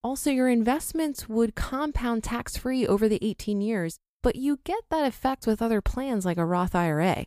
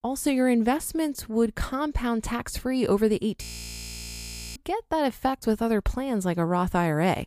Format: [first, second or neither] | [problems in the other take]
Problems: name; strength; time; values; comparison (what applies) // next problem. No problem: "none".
first | audio freezing; at 3.5 s for 1 s